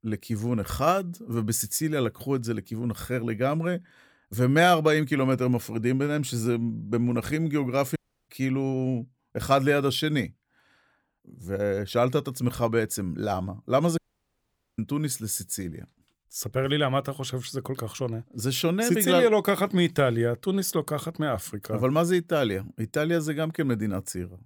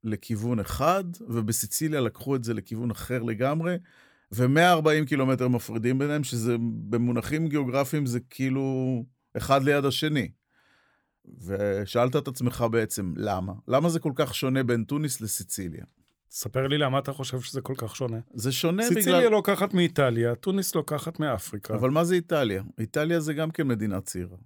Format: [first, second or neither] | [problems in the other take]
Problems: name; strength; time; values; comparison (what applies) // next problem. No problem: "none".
second | audio cutting out; at 8 s and at 14 s for 1 s